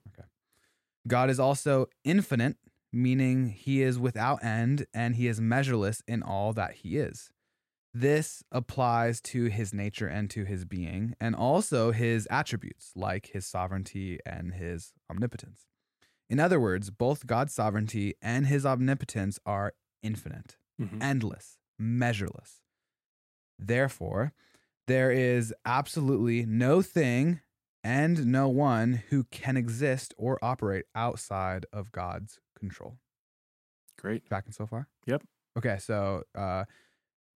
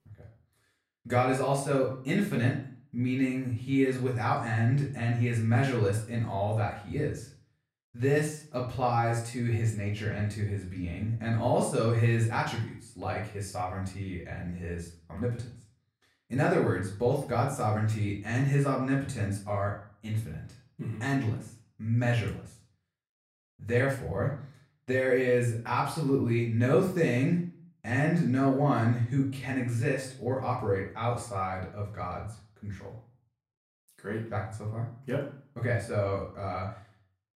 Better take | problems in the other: first | off-mic speech; far // room echo; slight; dies away in 0.4 s

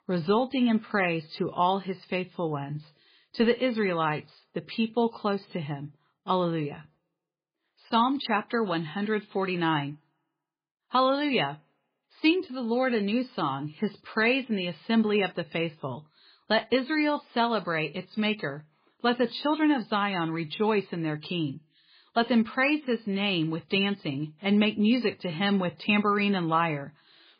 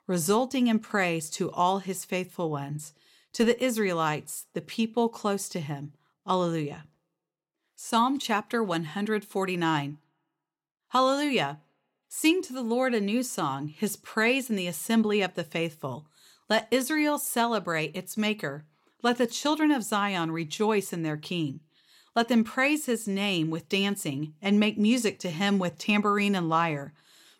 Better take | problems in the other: second | garbled, watery; badly; nothing above 4.5 kHz

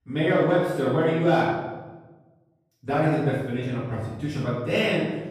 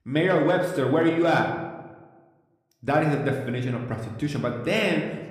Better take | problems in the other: second | room echo; strong; dies away in 1 s; slight in the second // off-mic speech; far

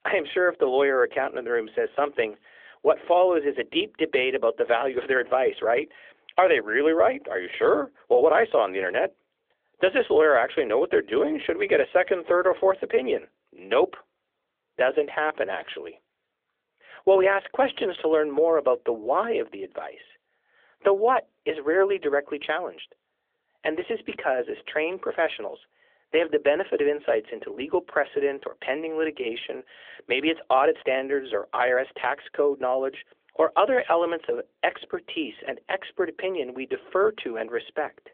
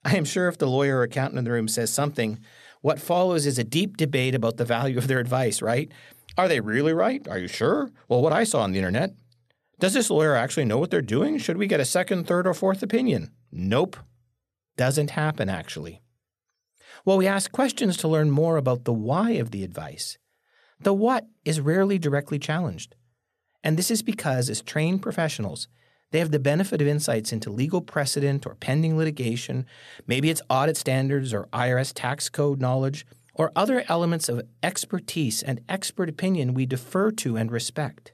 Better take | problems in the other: second | phone-call audio; nothing above 3.5 kHz

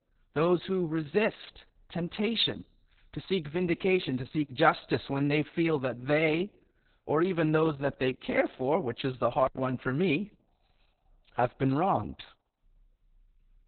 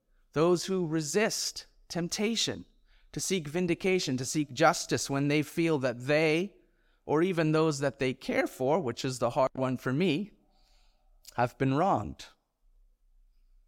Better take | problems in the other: second | garbled, watery; badly; nothing above 4 kHz

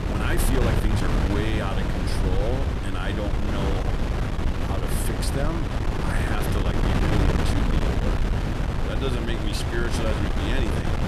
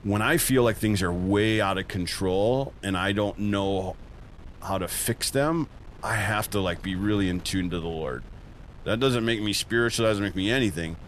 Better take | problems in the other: second | wind noise on the microphone; heavy; 2 dB above the speech; occasional gusts in the second

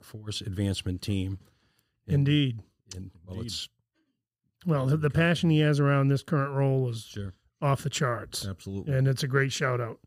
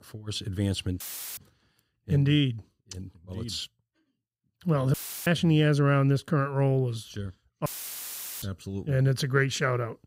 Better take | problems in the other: first | audio cutting out; filled with static; at 1 s, at 5 s and at 7.5 s for 1 s

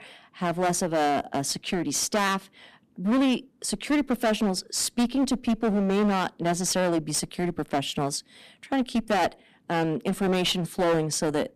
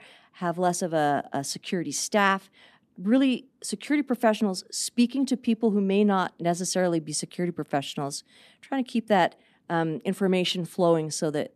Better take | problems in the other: second | distortion; heavy; 16% of the sound clipped

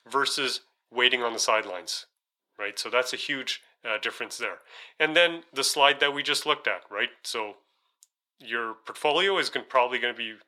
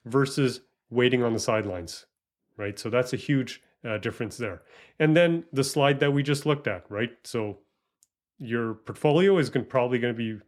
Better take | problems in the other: second | thin; very; fading below 700 Hz

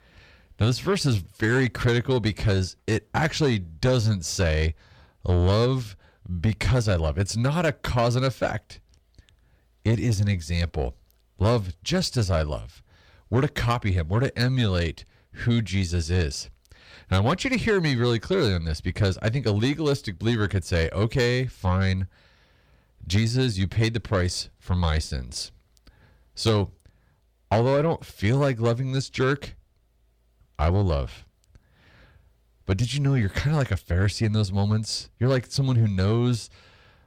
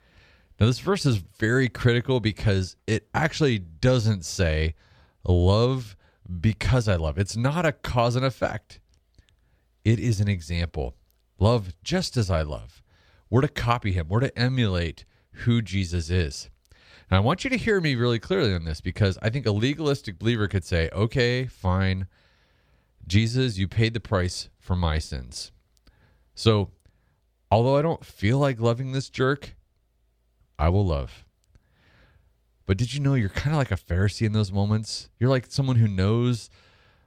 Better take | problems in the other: second | distortion; slight; 10 dB below the speech

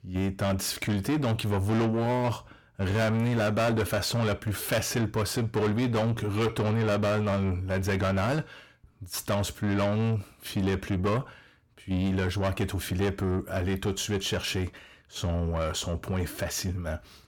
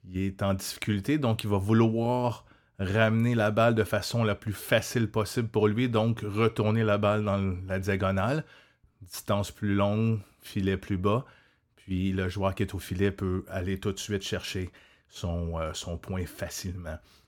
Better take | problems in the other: second | distortion; heavy; 8 dB below the speech

